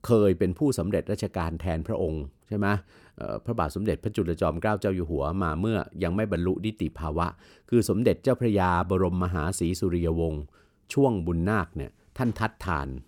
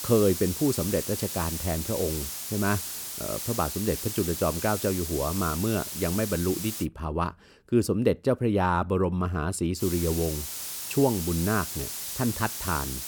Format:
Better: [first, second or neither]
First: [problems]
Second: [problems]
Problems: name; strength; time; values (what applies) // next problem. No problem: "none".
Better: first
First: none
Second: hiss; loud; until 7 s and from 10 s on; 5 dB below the speech